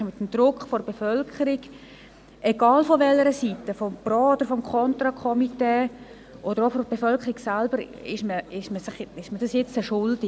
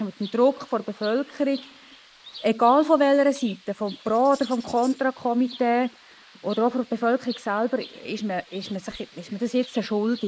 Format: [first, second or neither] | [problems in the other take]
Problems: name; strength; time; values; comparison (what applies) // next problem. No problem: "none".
first | noise reduction (neural mask model Resemble Enhance denoiser)